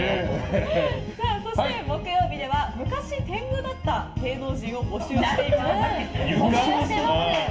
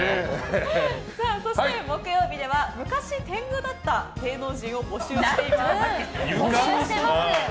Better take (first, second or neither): second